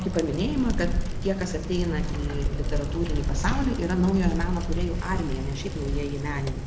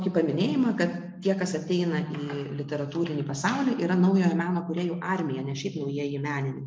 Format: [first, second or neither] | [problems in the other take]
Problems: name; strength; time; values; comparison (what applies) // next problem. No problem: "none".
second | background sound (Bicycle); as loud as the speech